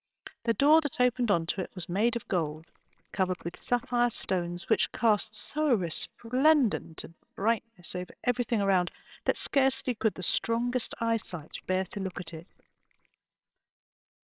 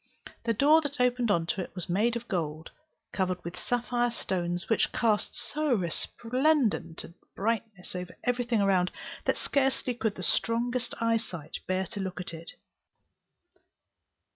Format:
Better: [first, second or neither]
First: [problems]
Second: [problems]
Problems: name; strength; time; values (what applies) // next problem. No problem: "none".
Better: second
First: noise reduction (neural separator model SepFormer WHAMR!)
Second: none